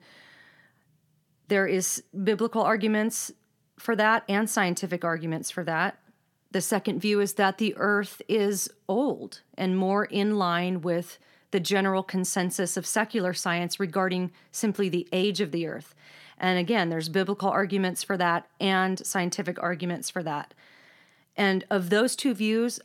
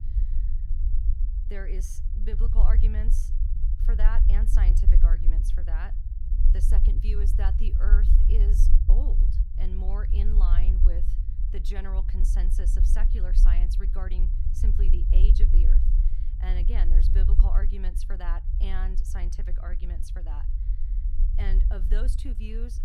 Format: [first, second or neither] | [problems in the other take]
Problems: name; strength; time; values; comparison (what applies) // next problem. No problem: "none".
first | low rumble; loud; throughout; 4 dB below the speech